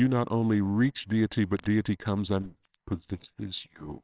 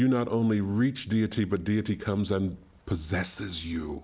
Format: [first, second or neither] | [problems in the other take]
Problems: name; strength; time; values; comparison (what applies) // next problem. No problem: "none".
second | noise reduction (neural separator model SepFormer WHAMR!)